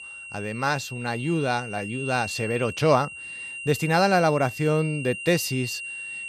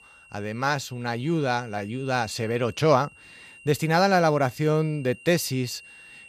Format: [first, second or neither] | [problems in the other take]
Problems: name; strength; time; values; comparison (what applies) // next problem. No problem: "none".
second | high-pitched whine; loud; throughout; 3 kHz, 9 dB below the speech; faint in the second